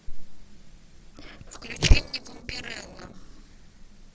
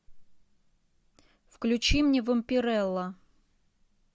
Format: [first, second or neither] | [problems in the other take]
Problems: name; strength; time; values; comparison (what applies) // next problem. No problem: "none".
second | noise reduction (neural separator model SepFormer DNS4)